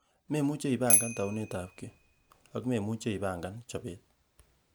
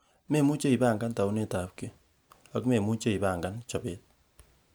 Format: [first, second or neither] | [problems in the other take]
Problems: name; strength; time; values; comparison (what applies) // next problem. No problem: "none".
second | background sound (Bicycle bell); 1 dB above the speech